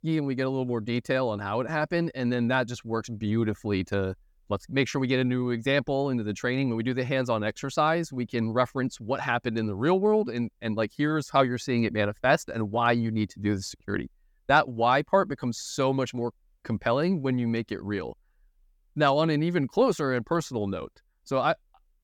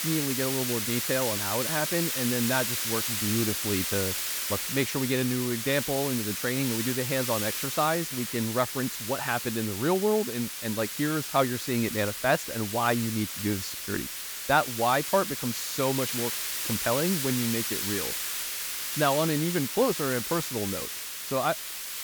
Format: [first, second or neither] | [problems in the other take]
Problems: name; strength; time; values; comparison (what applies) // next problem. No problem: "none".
first | hiss; loud; throughout; 1 dB below the speech